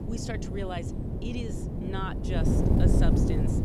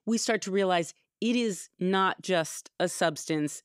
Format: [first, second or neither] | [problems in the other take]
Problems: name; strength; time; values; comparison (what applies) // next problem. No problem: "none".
second | wind noise on the microphone; heavy; 2 dB above the speech